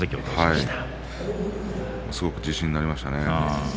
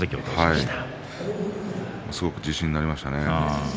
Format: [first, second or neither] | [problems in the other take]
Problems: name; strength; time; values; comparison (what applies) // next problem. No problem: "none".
second | background sound (Musical instrument); 10 dB below the speech